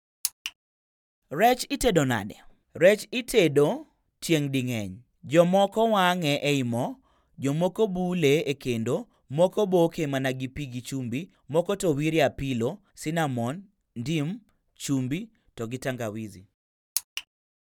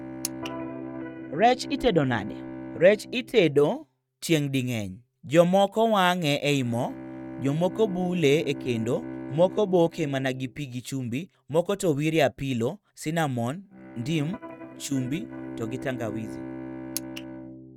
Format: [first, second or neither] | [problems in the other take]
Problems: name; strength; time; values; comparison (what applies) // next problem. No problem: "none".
first | noise reduction (neural mask model RNNoise)